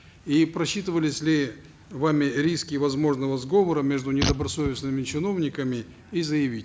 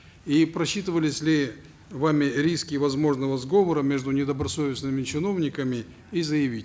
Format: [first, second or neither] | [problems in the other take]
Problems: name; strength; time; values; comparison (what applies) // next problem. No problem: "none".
second | background sound (Fart); 7 dB below the speech